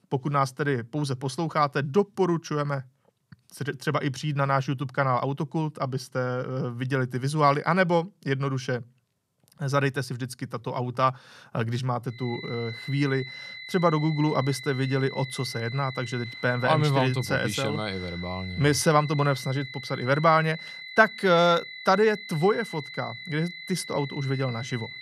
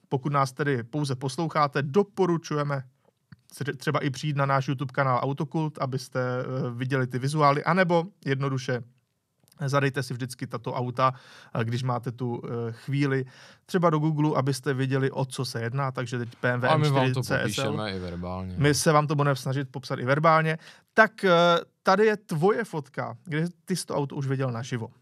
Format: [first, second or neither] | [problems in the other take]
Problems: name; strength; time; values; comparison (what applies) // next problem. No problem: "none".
second | high-pitched whine; noticeable; from 12 s on; 2 kHz, 10 dB below the speech